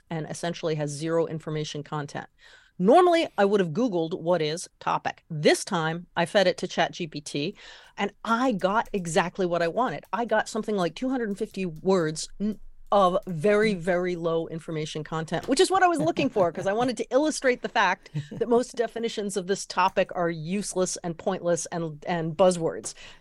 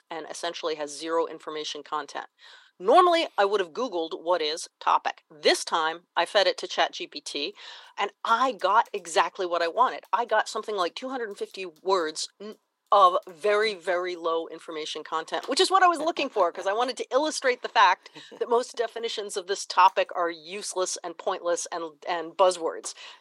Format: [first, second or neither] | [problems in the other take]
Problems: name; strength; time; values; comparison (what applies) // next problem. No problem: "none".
first | thin; very; fading below 350 Hz